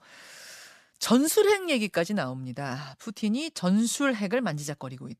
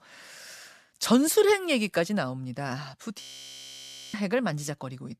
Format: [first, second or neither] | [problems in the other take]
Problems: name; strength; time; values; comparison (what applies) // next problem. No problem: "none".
first | audio freezing; at 3 s for 1 s